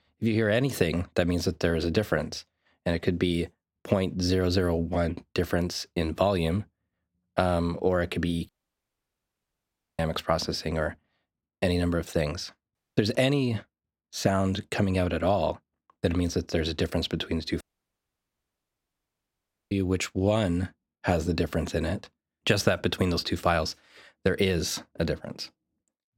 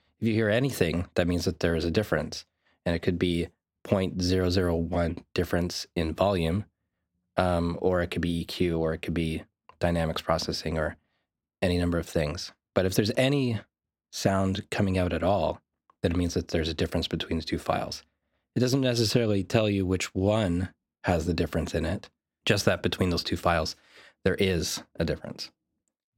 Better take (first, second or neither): second